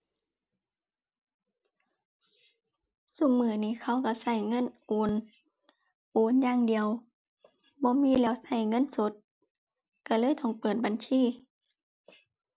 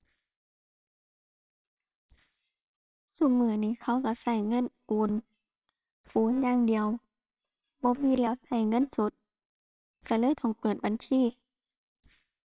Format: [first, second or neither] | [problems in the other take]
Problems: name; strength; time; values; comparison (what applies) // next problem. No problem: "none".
first | noise reduction (neural separator model SepFormer WHAMR!)